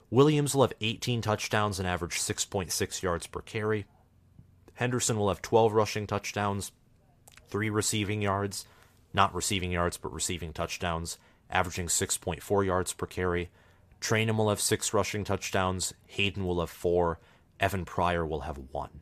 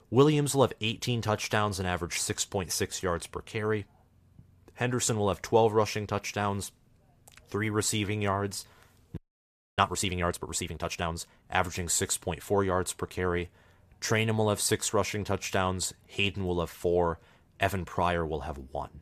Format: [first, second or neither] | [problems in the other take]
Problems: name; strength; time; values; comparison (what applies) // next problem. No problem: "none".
first | audio freezing; at 9 s for 0.5 s